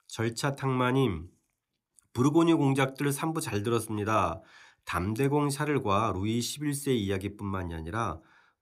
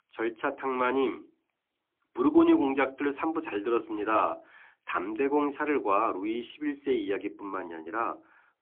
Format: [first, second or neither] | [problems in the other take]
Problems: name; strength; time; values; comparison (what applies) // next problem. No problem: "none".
first | phone-call audio; poor line; nothing above 3.5 kHz